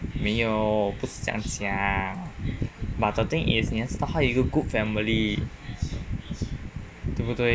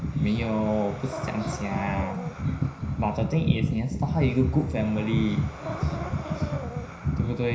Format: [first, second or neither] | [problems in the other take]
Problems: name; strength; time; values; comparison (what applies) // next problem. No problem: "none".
first | background sound (Breathing); 14 dB below the speech // room echo; dies away in 0.5 s